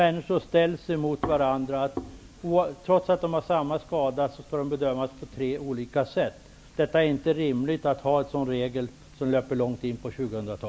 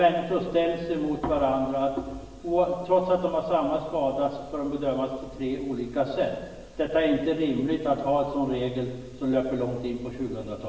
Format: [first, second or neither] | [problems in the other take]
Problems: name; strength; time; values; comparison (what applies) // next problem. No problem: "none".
first | room echo; dies away in 1.2 s